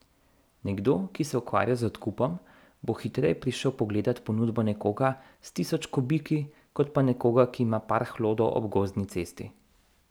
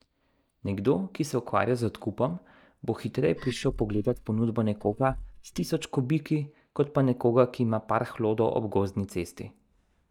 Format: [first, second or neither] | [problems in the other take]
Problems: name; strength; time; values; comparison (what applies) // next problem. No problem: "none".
first | noise reduction (neural mask model DeepFilterNet 3)